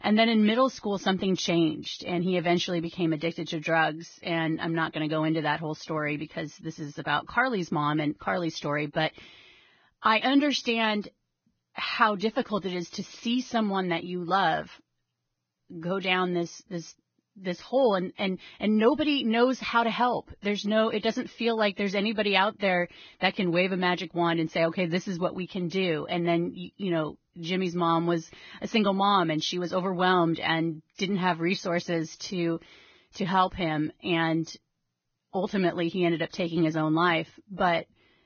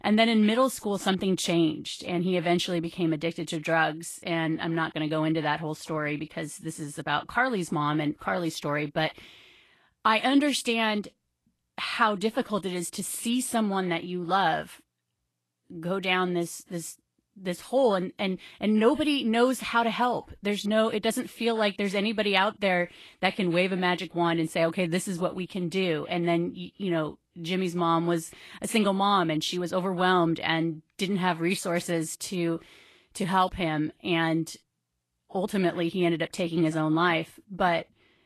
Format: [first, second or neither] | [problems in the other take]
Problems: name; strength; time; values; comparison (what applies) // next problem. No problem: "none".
second | garbled, watery; badly; nothing above 6.5 kHz; slightly in the second